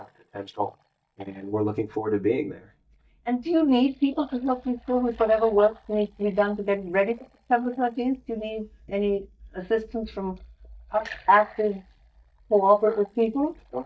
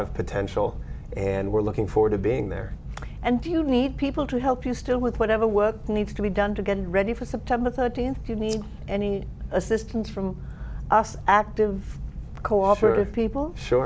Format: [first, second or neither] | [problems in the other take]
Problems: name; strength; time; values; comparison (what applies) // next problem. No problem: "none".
second | noise reduction (neural mask model DeepFilterNet 3)